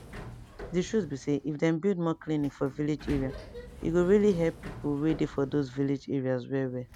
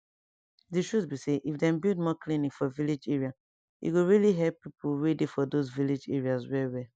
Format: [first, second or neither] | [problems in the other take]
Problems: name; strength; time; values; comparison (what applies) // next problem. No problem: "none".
second | background sound (Sliding door); 15 dB below the speech